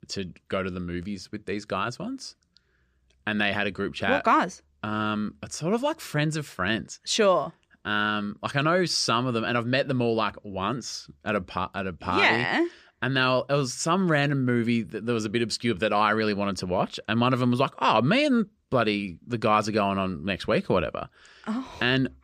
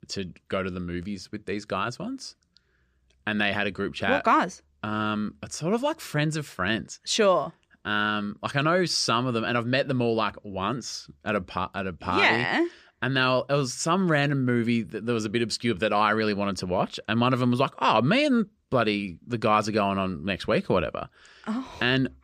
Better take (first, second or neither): neither